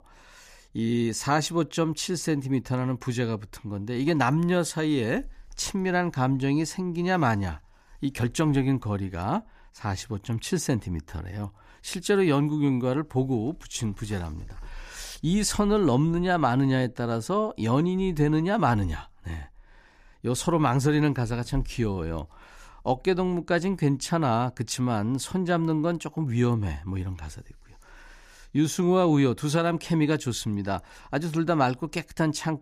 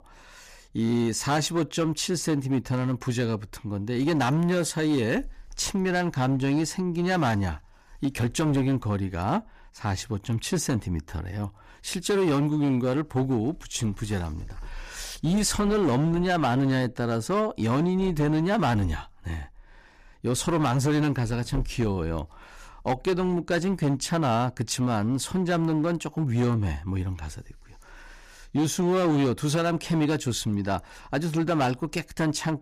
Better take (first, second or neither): first